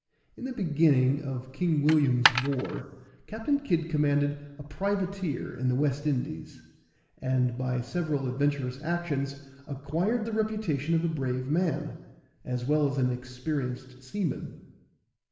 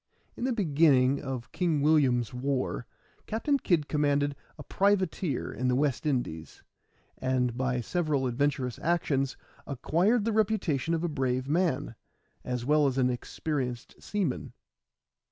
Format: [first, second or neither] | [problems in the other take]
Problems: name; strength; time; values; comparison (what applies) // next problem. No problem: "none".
second | background sound (Coin (dropping)); 1 dB below the speech // room echo; dies away in 1.1 s